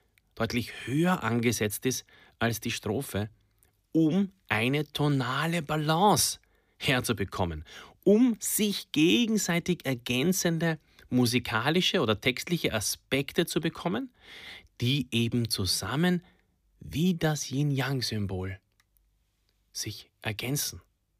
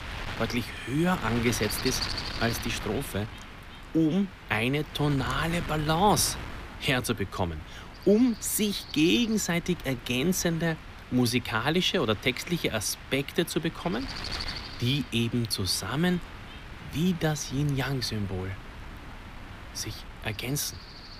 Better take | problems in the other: first | wind noise on the microphone; occasional gusts; 10 dB below the speech

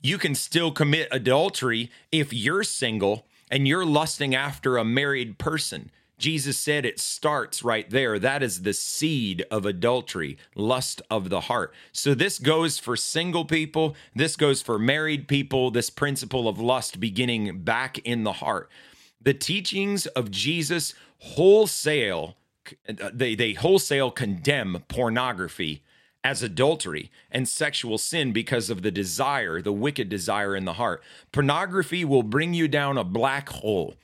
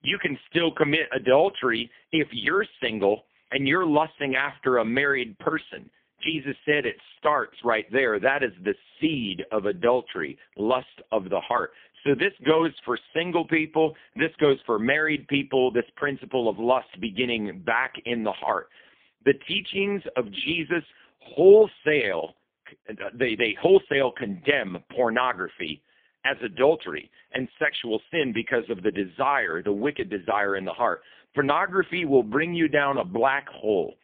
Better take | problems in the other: first | phone-call audio; poor line; nothing above 3.5 kHz

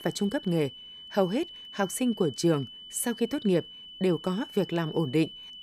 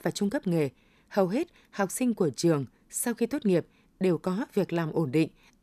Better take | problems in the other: second | high-pitched whine; noticeable; throughout; 3 kHz, 15 dB below the speech

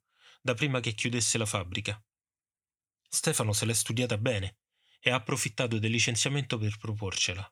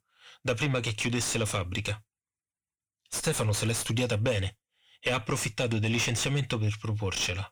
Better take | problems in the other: first | distortion; heavy; 6 dB below the speech

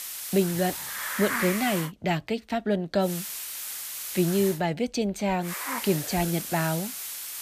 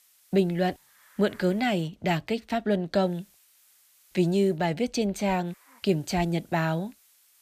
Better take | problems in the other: second | hiss; loud; until 2 s, from 3 to 4.5 s and from 5.5 s on; 5 dB below the speech; faint in the second

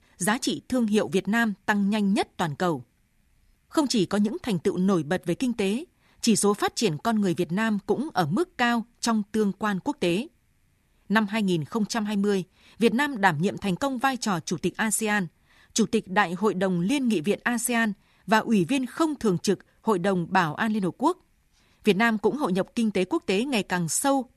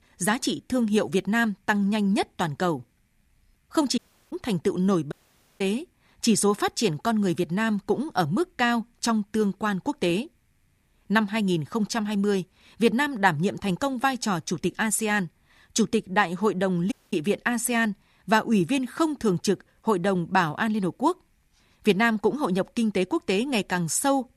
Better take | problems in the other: first | audio cutting out; at 4 s, at 5 s and at 17 s

